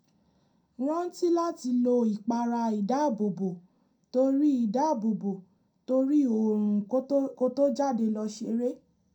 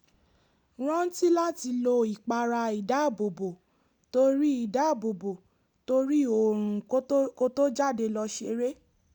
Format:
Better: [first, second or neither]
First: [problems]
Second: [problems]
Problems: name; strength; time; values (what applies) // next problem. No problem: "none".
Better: second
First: room echo; dies away in 0.2 s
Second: none